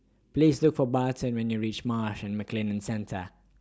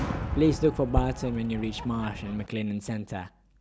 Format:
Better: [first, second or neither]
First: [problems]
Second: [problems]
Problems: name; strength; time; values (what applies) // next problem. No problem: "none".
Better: first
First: none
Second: background sound (Fireworks); 6 dB below the speech